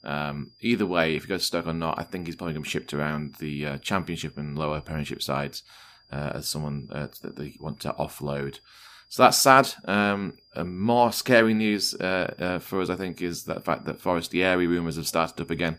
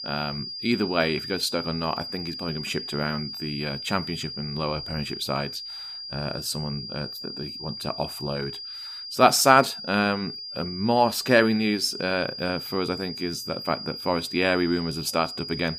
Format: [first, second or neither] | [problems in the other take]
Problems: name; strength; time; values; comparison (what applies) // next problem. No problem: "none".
first | high-pitched whine; loud; throughout; 5 kHz, 8 dB below the speech; faint in the first